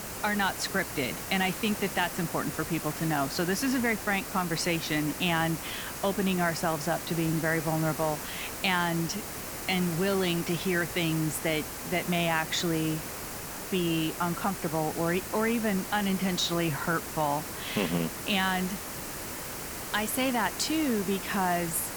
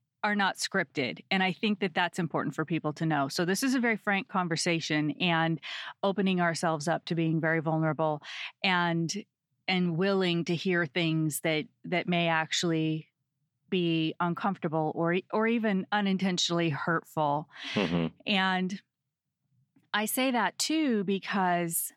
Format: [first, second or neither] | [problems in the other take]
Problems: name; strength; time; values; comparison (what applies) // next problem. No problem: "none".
second | hiss; loud; throughout; 7 dB below the speech